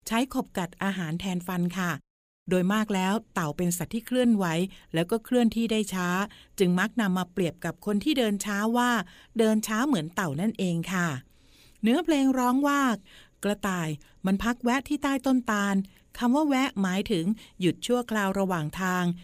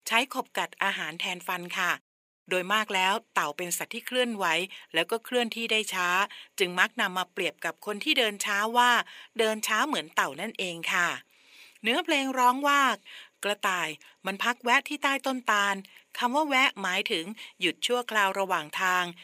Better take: first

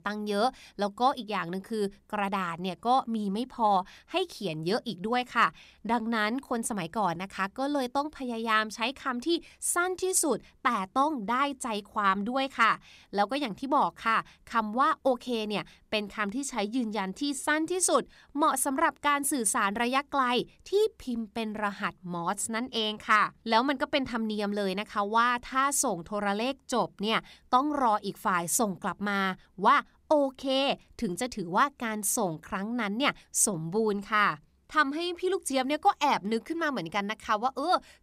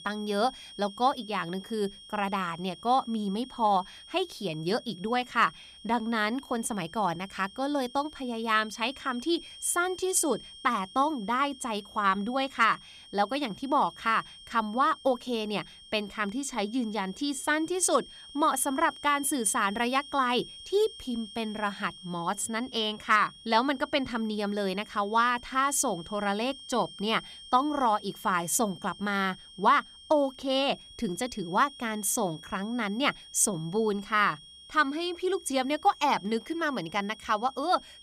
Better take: first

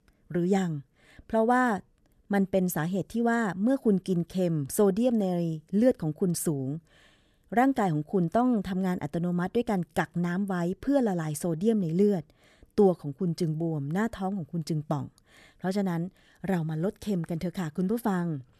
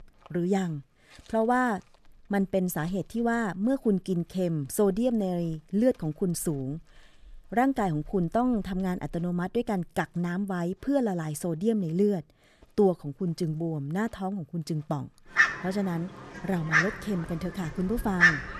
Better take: first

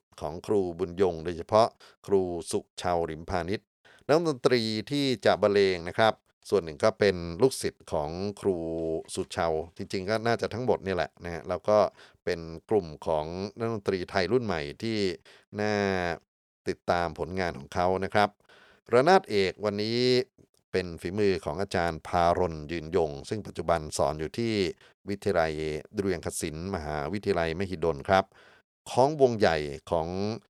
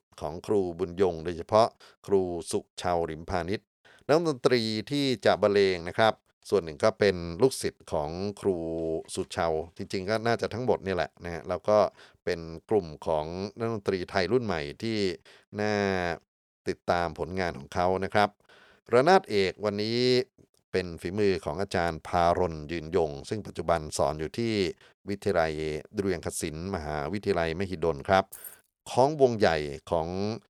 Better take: first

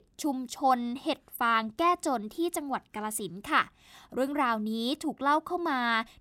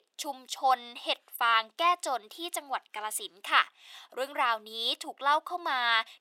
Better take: first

